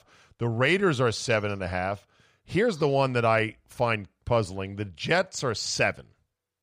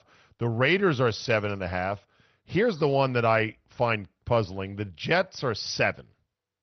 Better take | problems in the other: first | garbled, watery; slightly; nothing above 6 kHz

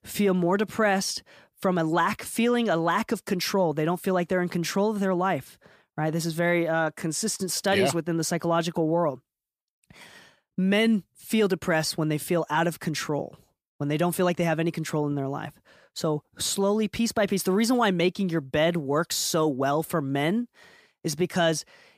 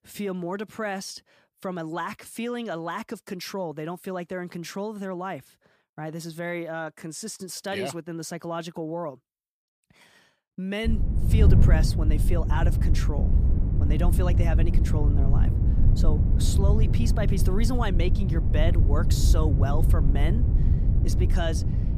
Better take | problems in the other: first | wind noise on the microphone; heavy; from 11 s on; 4 dB below the speech

